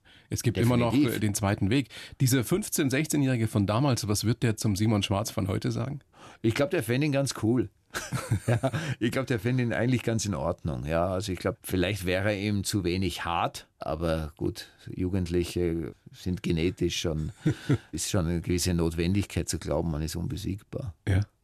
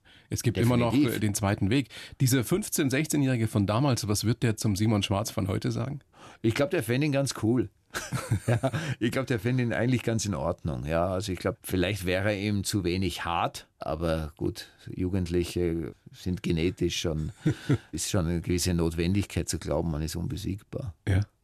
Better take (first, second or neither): neither